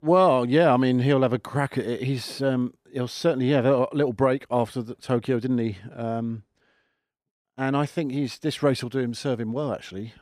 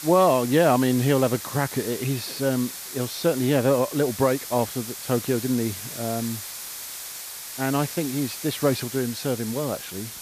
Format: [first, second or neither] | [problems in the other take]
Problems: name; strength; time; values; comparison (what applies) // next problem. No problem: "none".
first | hiss; loud; throughout; 9 dB below the speech